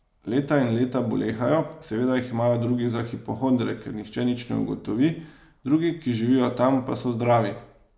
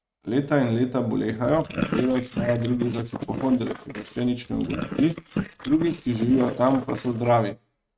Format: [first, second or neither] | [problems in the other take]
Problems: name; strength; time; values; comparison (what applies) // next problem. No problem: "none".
first | noise reduction (neural mask model RNNoise)